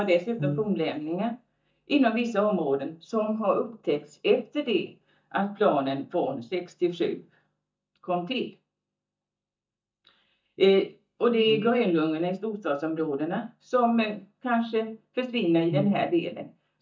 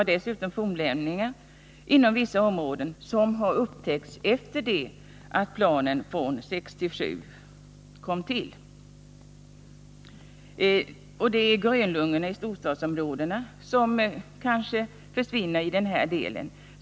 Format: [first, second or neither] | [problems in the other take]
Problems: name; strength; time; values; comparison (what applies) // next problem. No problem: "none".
second | noise reduction (neural mask model DeepFilterNet 3)